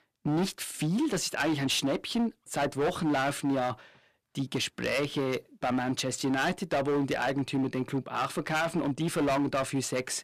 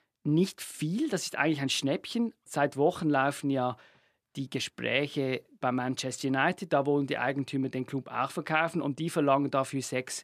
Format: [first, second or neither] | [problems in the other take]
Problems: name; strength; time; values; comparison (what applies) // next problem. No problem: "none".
second | distortion; heavy; 14% of the sound clipped